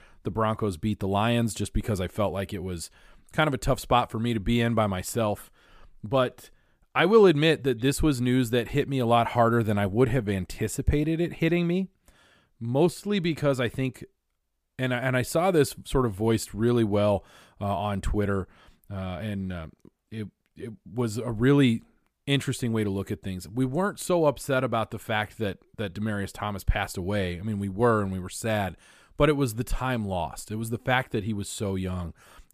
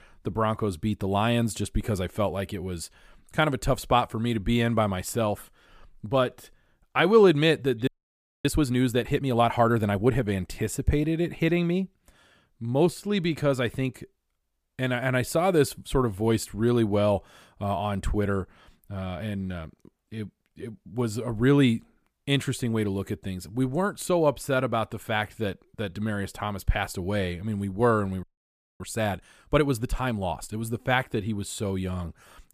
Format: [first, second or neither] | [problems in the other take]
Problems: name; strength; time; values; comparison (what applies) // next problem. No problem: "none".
first | audio freezing; at 8 s for 0.5 s and at 28 s for 0.5 s